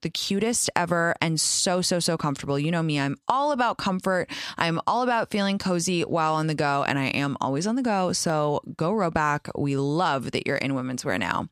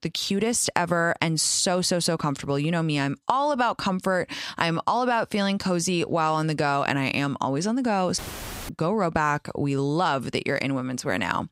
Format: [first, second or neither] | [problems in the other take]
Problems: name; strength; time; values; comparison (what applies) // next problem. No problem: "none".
first | audio cutting out; filled with static; at 8 s for 0.5 s